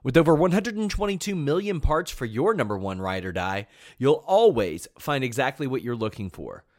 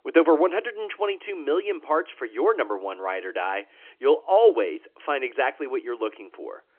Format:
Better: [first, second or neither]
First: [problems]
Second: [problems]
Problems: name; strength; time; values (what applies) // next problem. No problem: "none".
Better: first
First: none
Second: phone-call audio